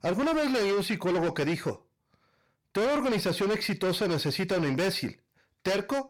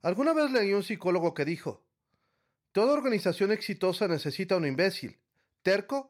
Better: second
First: distortion; heavy; 6 dB below the speech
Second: none

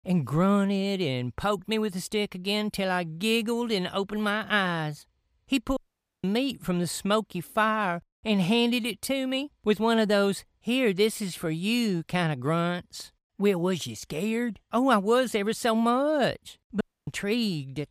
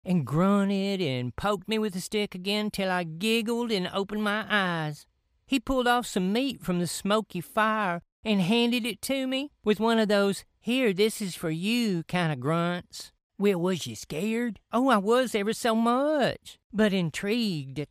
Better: second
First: audio cutting out; at 6 s and at 17 s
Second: none

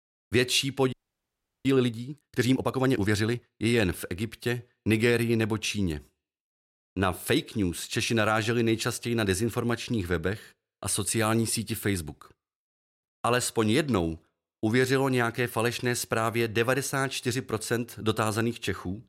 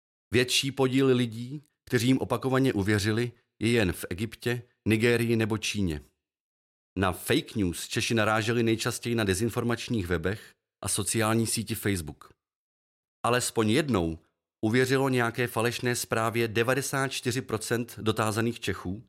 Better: second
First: audio freezing; at 1 s for 0.5 s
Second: none

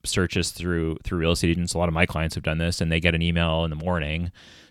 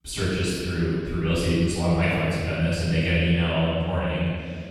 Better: first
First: none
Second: room echo; strong; dies away in 2.1 s // off-mic speech; far

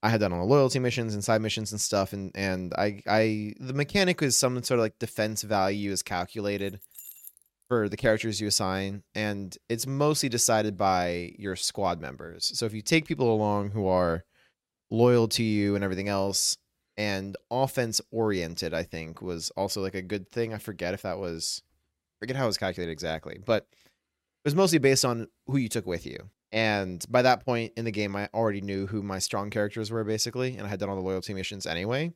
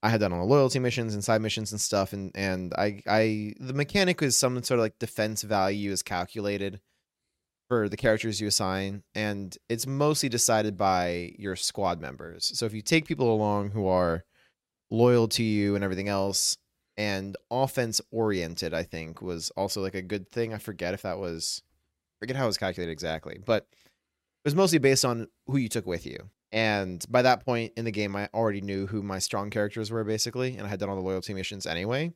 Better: second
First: jangling keys; faint; at 6.5 s; peak 15 dB below the speech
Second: none

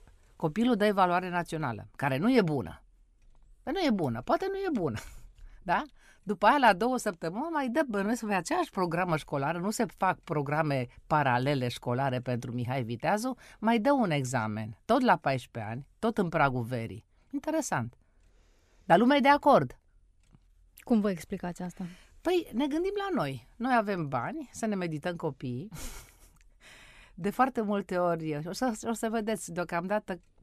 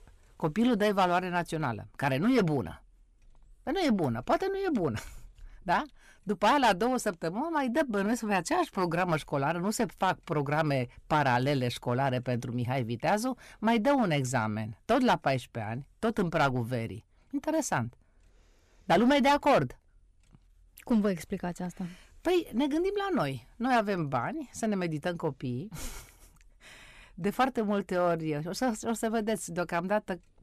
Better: first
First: none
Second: distortion; slight; 3% of the sound clipped

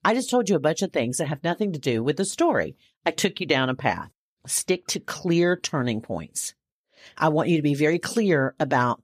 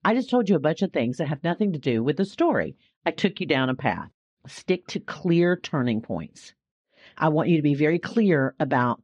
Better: first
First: none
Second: muffled; slightly; fading above 3.5 kHz

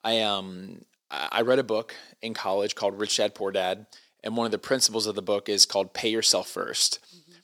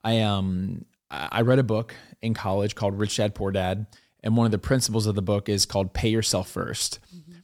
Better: second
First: thin; somewhat; fading below 400 Hz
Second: none

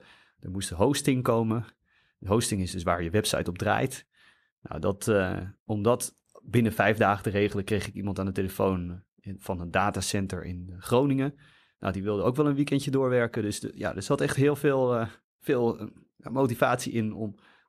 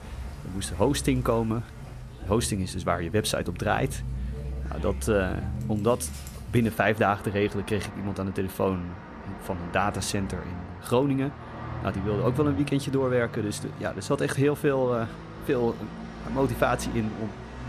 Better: first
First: none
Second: traffic noise; noticeable; throughout; 10 dB below the speech

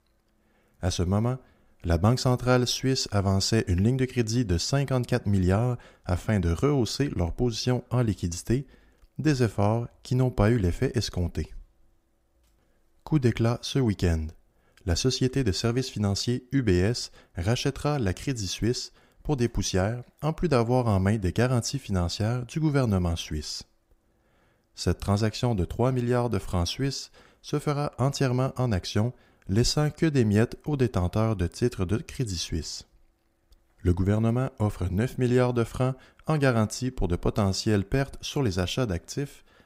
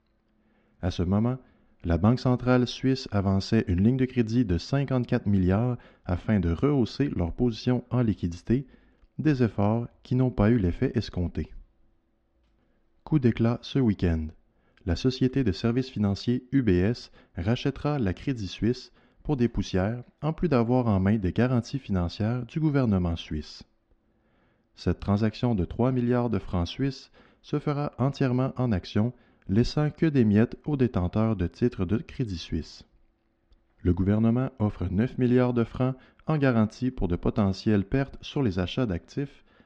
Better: first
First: none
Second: muffled; slightly; fading above 4 kHz

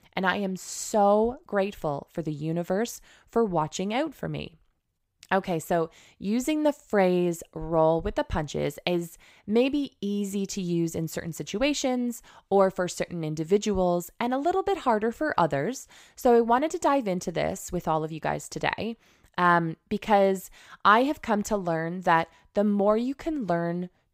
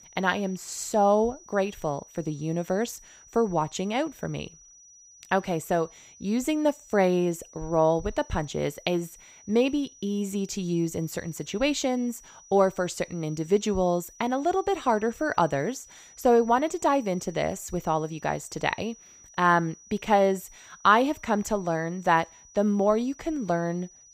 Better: first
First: none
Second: high-pitched whine; faint; throughout; 6 kHz, 25 dB below the speech

